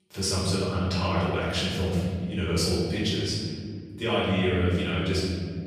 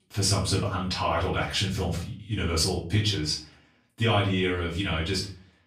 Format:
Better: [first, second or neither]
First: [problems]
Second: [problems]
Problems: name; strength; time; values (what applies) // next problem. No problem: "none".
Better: second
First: room echo; strong; dies away in 2.7 s // off-mic speech; far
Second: room echo; slight; dies away in 0.4 s // off-mic speech; far